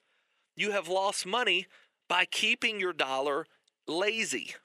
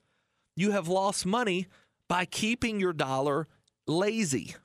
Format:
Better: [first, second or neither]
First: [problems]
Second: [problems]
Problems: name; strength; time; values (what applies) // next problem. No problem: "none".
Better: second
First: thin; somewhat; fading below 400 Hz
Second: none